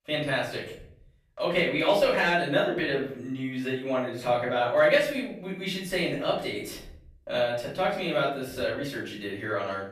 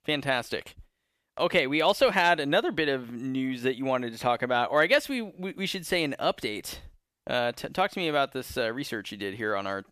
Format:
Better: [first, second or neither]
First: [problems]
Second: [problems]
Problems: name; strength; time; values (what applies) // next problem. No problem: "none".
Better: second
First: off-mic speech; far // room echo; noticeable; dies away in 0.6 s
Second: none